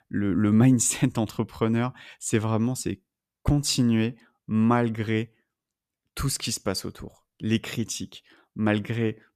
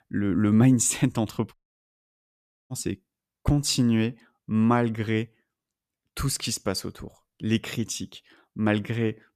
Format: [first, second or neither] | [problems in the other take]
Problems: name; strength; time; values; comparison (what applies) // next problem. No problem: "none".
first | audio cutting out; at 1.5 s for 1 s